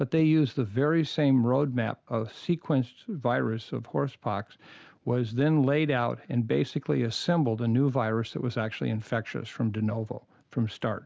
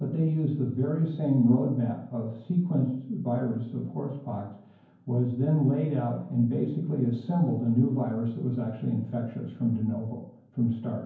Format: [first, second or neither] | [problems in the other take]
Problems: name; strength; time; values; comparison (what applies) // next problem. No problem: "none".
first | room echo; dies away in 0.9 s